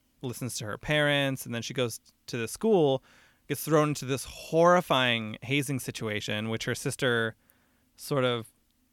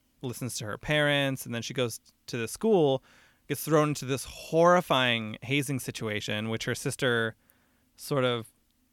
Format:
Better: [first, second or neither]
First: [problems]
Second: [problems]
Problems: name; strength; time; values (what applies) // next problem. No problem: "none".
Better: neither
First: none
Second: none